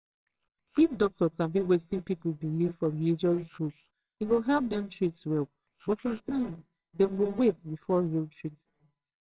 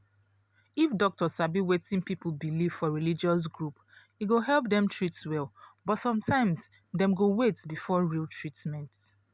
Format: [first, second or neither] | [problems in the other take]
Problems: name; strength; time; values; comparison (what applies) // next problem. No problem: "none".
second | noise reduction (neural separator model SepFormer WHAMR!)